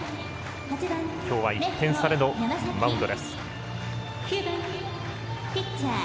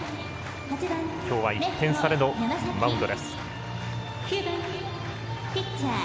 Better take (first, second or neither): first